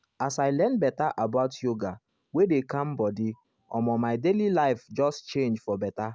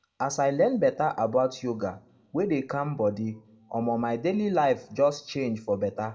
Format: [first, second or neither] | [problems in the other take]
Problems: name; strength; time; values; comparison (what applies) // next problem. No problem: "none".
first | room echo; dies away in 0.3 s